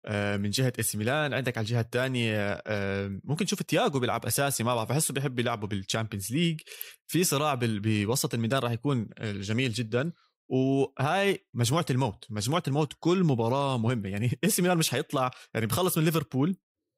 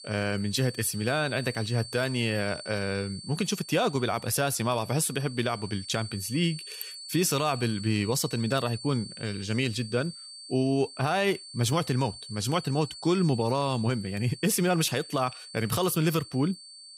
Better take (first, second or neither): first